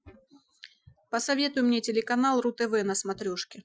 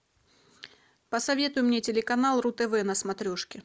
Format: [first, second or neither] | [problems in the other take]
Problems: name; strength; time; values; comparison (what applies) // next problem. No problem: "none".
second | noise reduction (classical method Wiener filter)